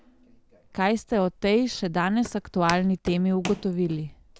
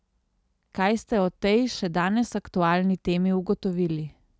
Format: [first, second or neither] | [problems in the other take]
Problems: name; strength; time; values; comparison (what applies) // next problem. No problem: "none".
second | background sound (Walk, footsteps); 17 dB below the speech